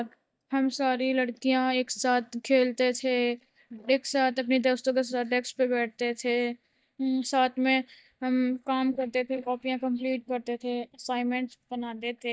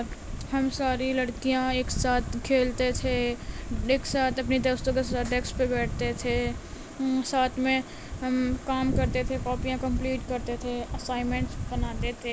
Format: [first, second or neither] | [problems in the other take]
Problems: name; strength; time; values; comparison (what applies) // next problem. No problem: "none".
second | noise reduction (neural mask model DeepFilterNet 3)